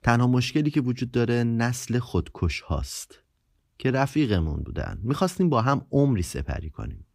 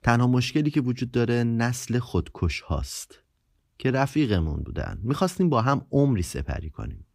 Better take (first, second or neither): neither